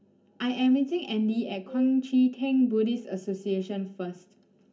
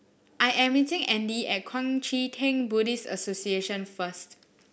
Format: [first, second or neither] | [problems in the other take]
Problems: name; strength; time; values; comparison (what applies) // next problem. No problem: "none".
second | background sound (Wind instrument, woodwind instrument); 15 dB below the speech // room echo; dies away in 0.3 s